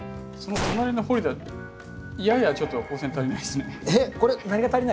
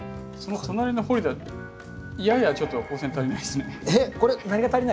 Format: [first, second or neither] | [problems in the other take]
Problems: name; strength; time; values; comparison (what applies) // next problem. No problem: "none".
second | background sound (Gunshot, gunfire); 11 dB below the speech